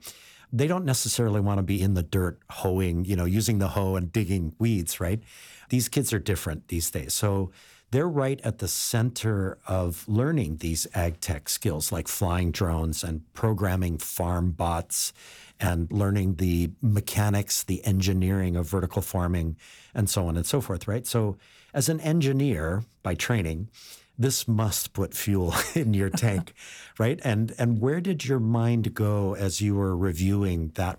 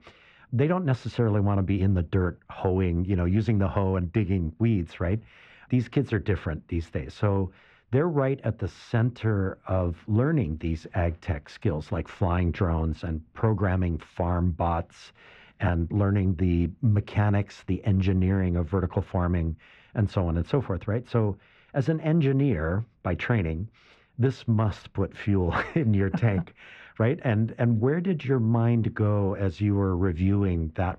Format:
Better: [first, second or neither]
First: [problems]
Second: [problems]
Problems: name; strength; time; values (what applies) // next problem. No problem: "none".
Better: first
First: none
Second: muffled; very; fading above 2.5 kHz